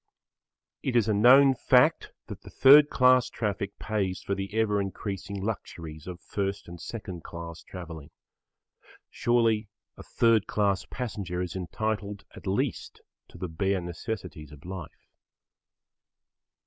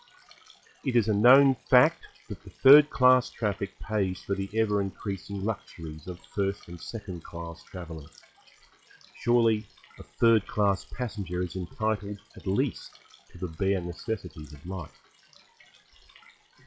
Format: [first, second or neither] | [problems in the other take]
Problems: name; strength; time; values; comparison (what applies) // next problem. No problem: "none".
first | noise reduction (classical method log-MMSE)